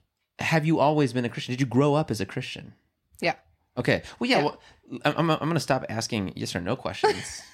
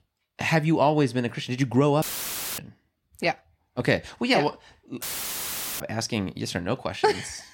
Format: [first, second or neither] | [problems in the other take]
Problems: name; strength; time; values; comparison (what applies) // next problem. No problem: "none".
first | audio cutting out; filled with static; at 2 s for 0.5 s and at 5 s for 1 s